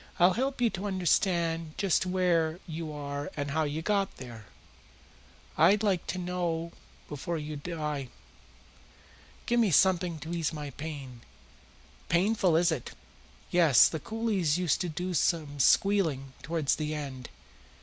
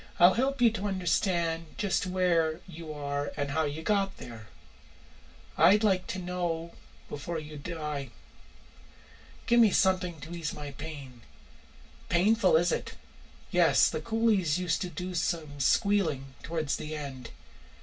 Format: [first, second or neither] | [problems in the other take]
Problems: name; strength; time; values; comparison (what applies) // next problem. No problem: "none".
first | room echo; dies away in 0.1 s